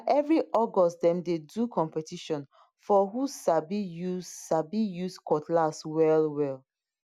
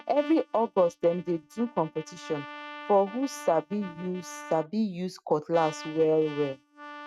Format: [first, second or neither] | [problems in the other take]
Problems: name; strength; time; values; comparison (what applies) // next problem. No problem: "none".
first | noise reduction (neural mask model RNNoise)